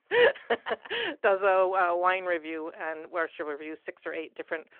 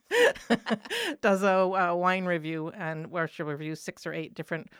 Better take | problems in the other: second | phone-call audio

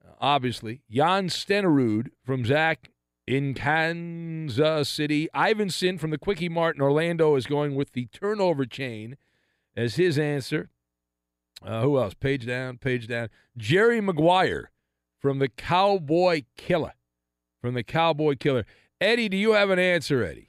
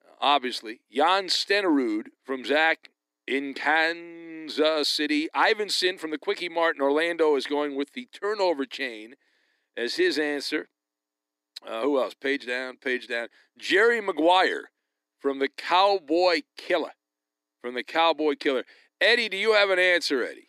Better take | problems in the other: first | thin; very slightly; fading below 300 Hz

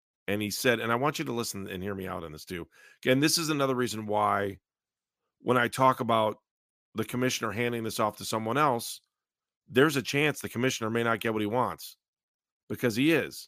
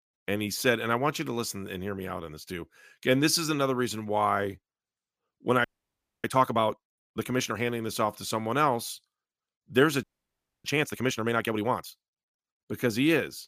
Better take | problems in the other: first | audio freezing; at 5.5 s for 0.5 s and at 10 s for 0.5 s

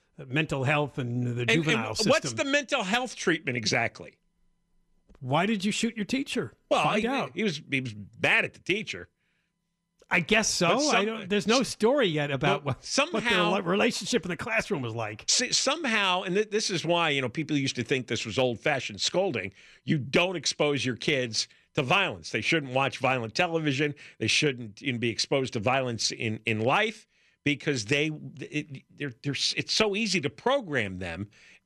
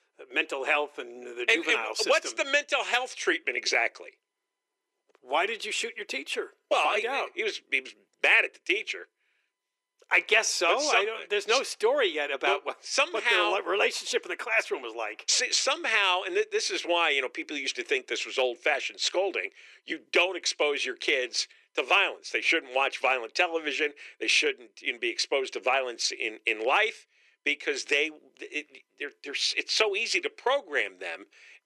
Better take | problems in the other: first | thin; very; fading below 350 Hz

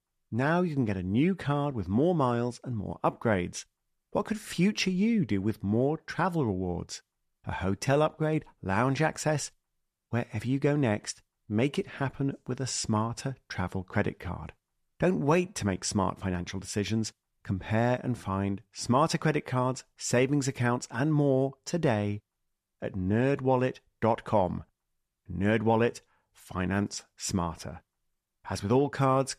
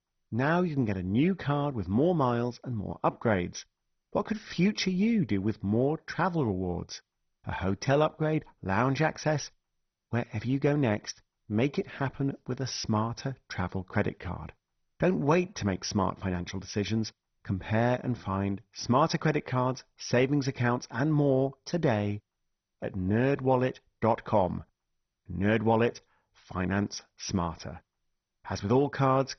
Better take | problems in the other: first | garbled, watery; badly; nothing above 6 kHz

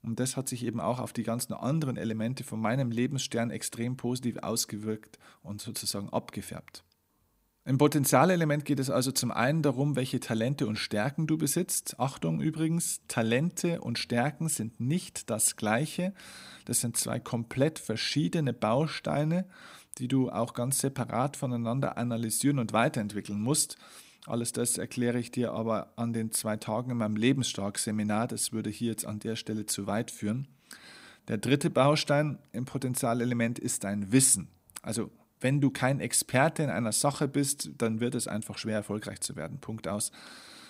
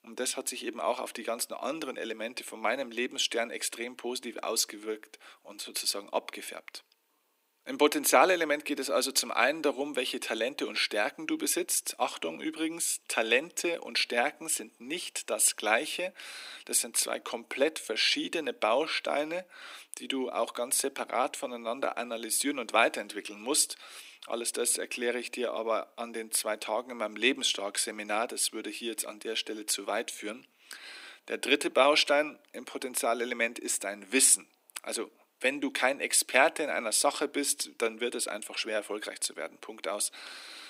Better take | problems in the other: first | thin; somewhat; fading below 300 Hz

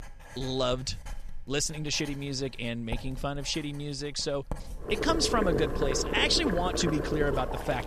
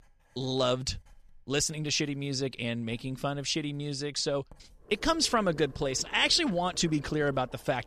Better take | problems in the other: second | household noises; loud; throughout; 4 dB below the speech; faint in the second

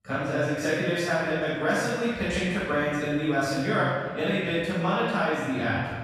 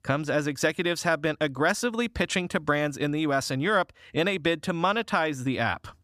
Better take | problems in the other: second | off-mic speech; far // room echo; strong; dies away in 1.6 s

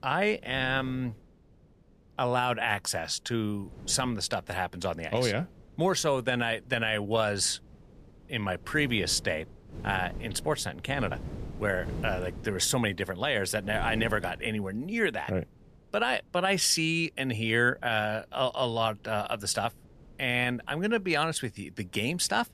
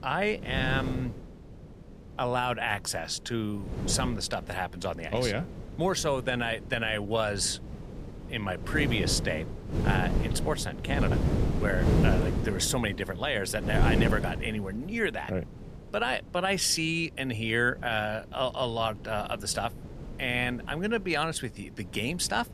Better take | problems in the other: first | wind noise on the microphone; heavy; 9 dB below the speech; occasional gusts in the first

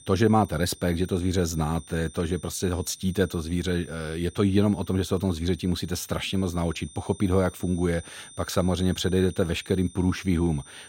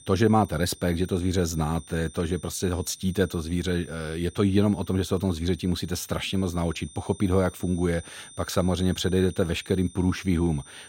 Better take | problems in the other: neither | high-pitched whine; faint; throughout; 9 kHz, 20 dB below the speech; the same in both

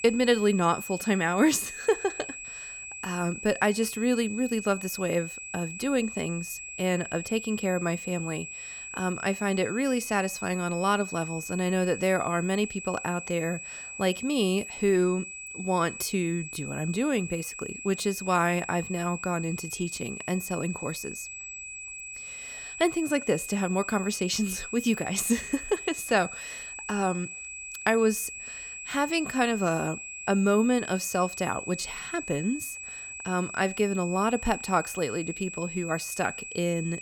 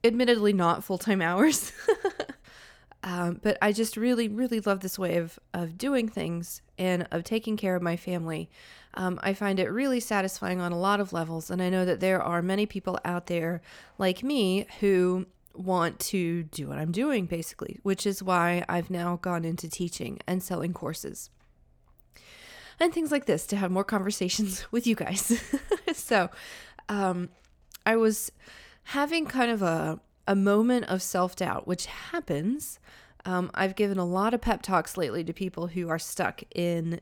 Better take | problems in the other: second | high-pitched whine; loud; throughout; 2.5 kHz, 9 dB below the speech

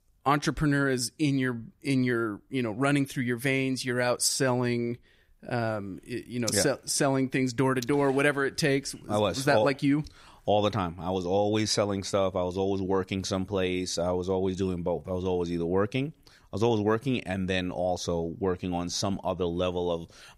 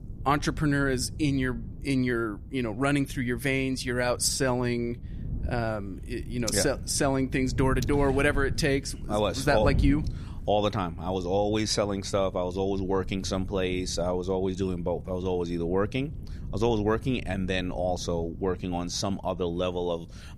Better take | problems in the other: first | wind noise on the microphone; occasional gusts; 20 dB below the speech

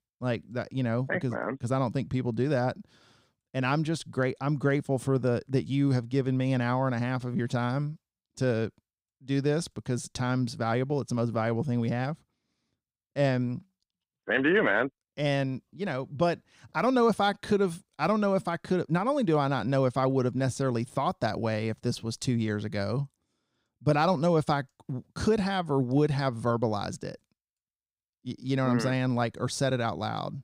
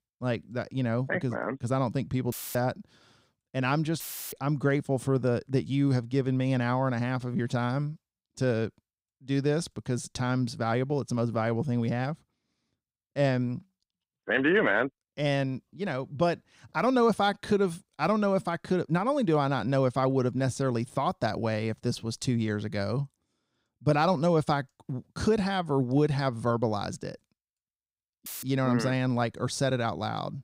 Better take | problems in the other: first | audio cutting out; filled with static; at 2.5 s, at 4 s and at 28 s

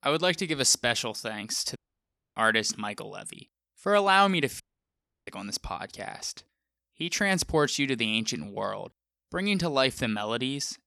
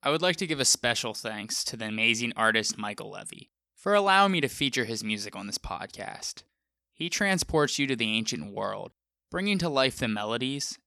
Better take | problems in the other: second | audio cutting out; at 2 s for 0.5 s and at 4.5 s for 0.5 s

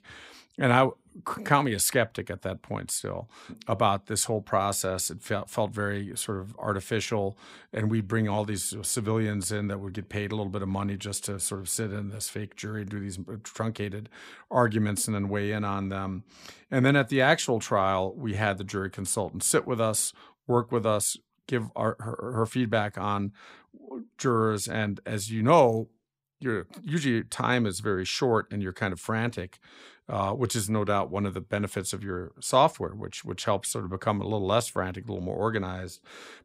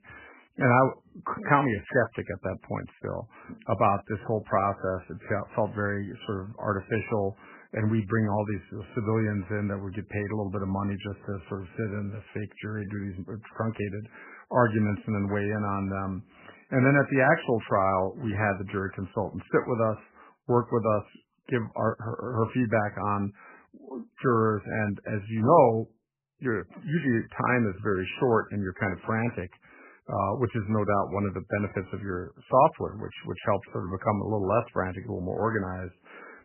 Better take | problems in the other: first | garbled, watery; badly; nothing above 2.5 kHz

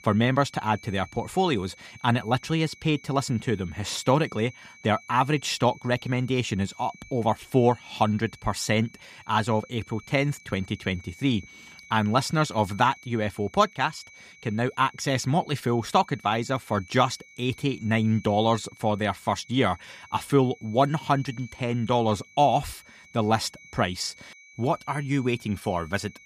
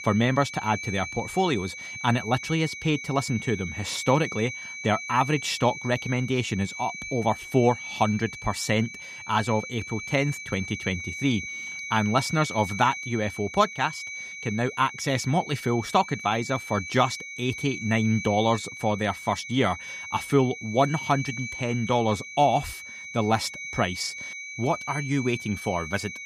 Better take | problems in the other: first | high-pitched whine; loud; throughout; 2.5 kHz, 9 dB below the speech; faint in the first

